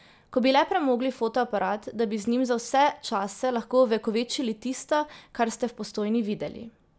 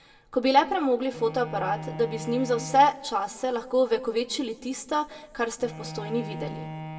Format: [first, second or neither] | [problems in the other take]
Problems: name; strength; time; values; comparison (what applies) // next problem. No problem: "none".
first | background sound (Bowed string instrument); 14 dB below the speech // room echo; dies away in 1.3 s